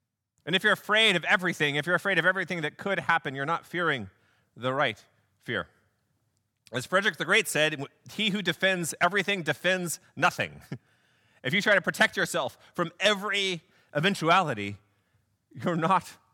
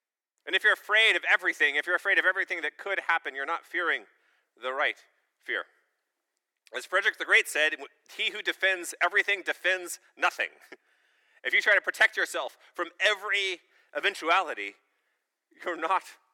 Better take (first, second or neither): first